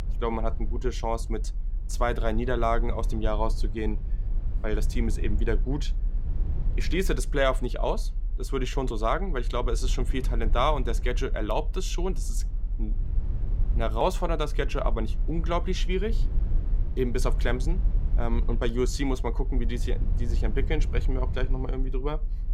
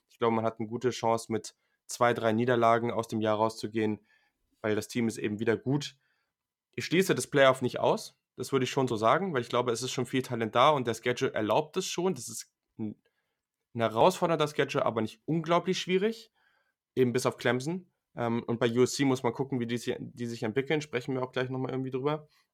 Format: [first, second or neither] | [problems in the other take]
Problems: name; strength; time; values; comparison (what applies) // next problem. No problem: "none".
second | low rumble; noticeable; throughout; 20 dB below the speech